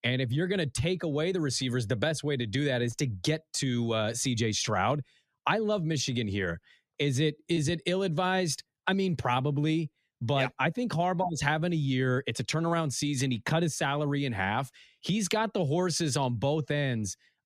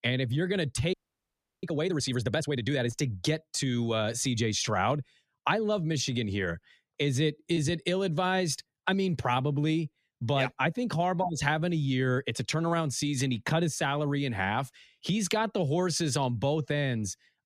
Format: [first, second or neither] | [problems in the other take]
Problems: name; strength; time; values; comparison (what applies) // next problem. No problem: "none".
first | audio freezing; at 1 s for 0.5 s